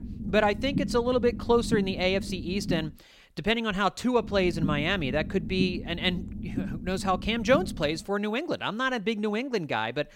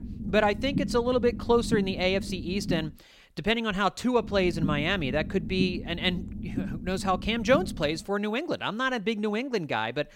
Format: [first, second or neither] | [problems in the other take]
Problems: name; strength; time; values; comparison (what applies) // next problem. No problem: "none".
neither | low rumble; noticeable; until 3 s and from 4 to 8 s; 15 dB below the speech; the same in both